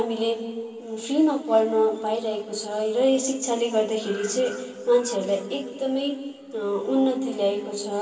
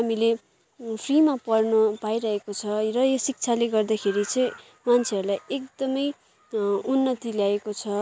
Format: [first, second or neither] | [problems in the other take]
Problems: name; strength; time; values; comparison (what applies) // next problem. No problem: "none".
second | room echo; dies away in 2.7 s